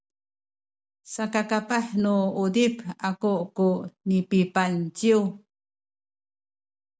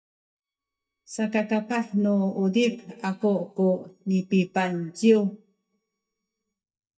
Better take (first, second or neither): first